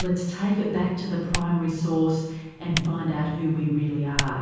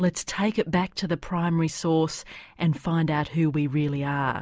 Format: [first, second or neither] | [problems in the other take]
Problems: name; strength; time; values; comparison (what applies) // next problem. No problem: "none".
second | background sound (Typing); 10 dB below the speech // room echo; dies away in 1.3 s